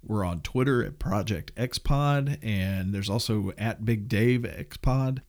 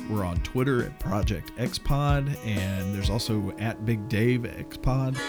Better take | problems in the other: first | background music; loud; throughout; 9 dB below the speech

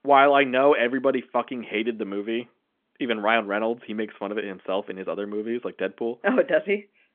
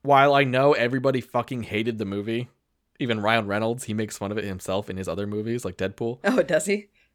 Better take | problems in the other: second | phone-call audio; nothing above 3.5 kHz

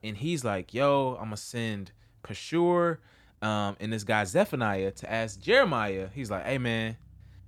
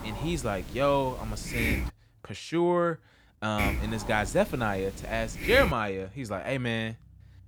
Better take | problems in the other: first | hiss; loud; until 2 s and from 3.5 to 5.5 s; 6 dB below the speech

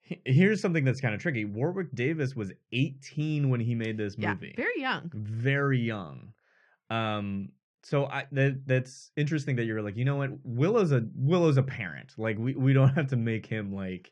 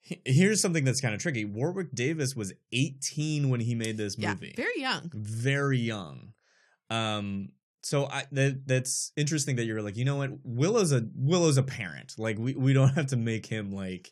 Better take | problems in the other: second | muffled; very; fading above 2 kHz

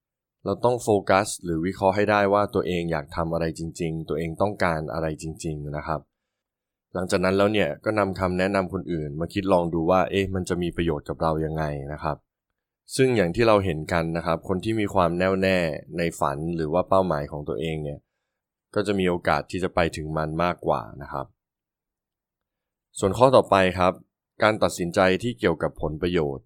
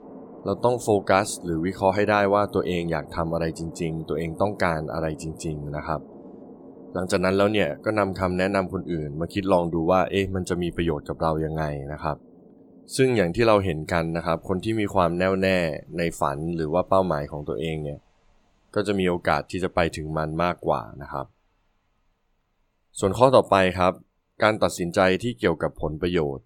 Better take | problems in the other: first | rain or running water; faint; throughout; 20 dB below the speech

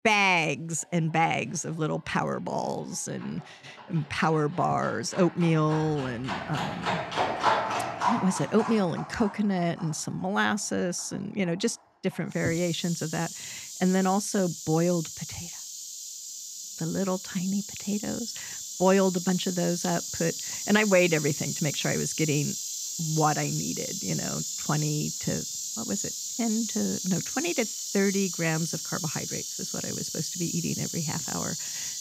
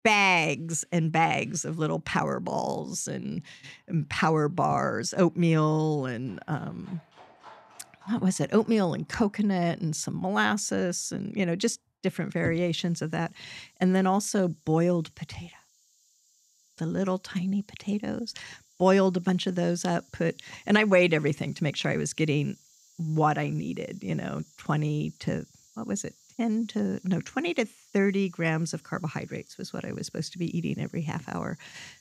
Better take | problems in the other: second | animal sounds; loud; throughout; 4 dB below the speech; faint in the second

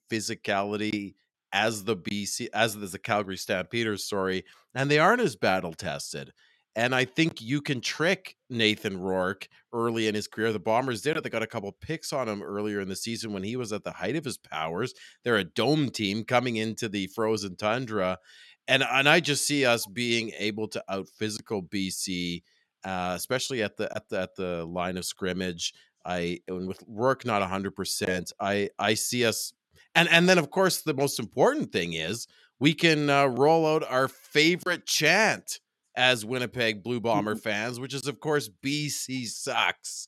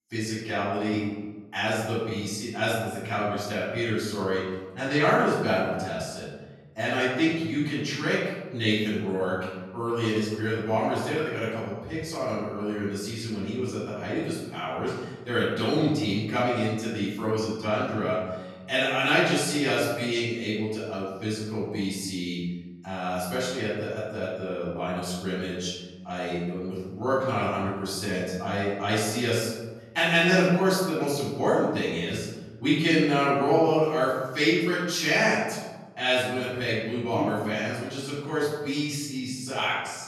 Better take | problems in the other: first | room echo; noticeable; dies away in 1.2 s // off-mic speech; far

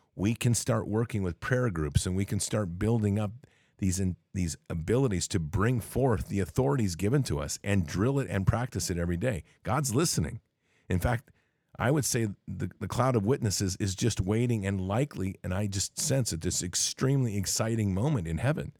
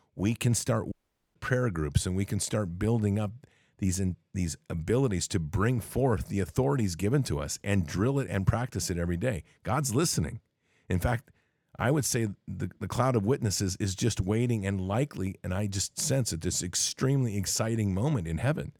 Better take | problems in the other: first | audio cutting out; at 1 s

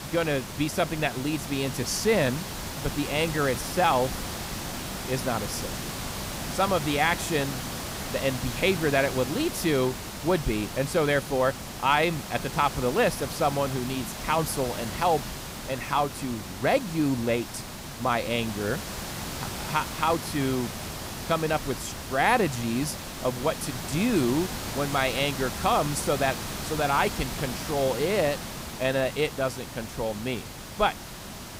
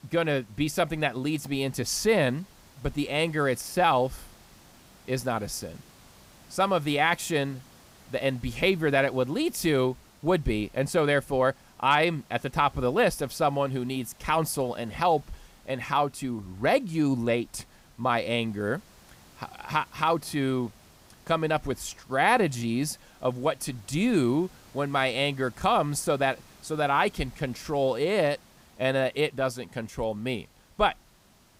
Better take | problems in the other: second | hiss; loud; throughout; 7 dB below the speech; faint in the second

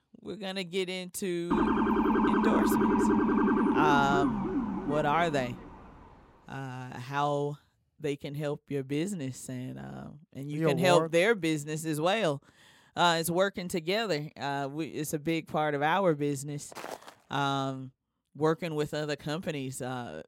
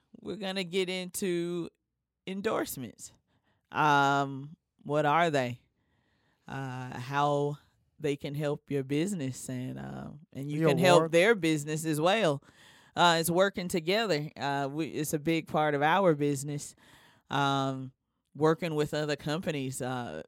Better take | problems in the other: second | siren; loud; from 1.5 to 5.5 s; peak 5 dB above the speech // footsteps; faint; at 17 s; peak 10 dB below the speech

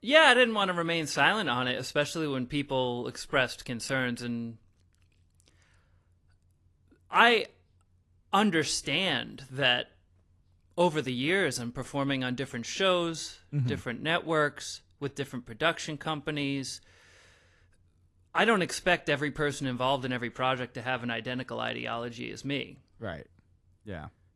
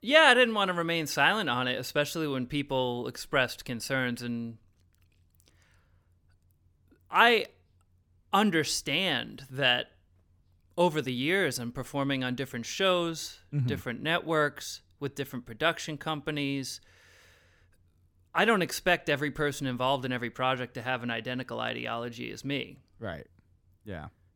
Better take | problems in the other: second | garbled, watery; slightly; nothing above 11.5 kHz

